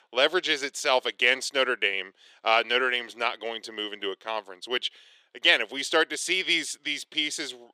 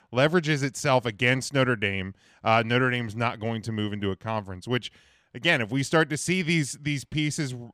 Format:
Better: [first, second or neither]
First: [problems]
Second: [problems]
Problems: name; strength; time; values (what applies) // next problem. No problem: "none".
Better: second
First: thin; very; fading below 400 Hz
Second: none